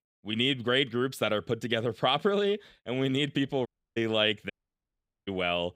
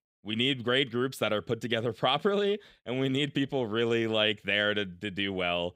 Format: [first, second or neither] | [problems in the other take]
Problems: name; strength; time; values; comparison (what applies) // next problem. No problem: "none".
second | audio cutting out; at 3.5 s and at 4.5 s for 1 s